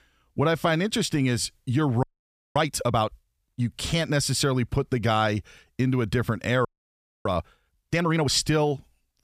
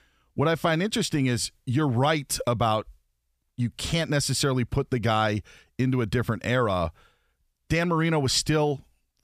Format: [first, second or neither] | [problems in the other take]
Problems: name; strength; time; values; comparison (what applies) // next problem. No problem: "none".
second | audio freezing; at 2 s for 0.5 s and at 6.5 s for 0.5 s